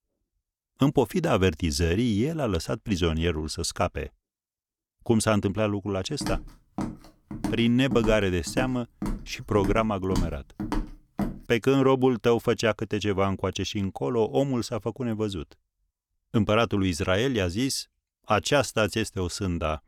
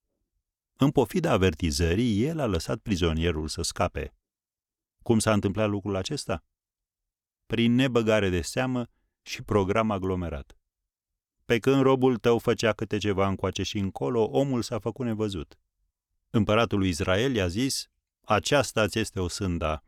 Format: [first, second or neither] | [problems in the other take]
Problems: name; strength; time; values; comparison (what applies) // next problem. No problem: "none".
second | footsteps; noticeable; from 6 to 11 s; peak 7 dB below the speech